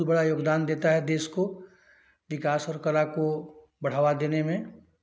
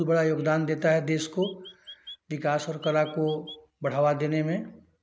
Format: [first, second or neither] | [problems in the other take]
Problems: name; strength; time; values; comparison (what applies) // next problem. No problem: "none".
first | background sound (Chirp, tweet); 19 dB below the speech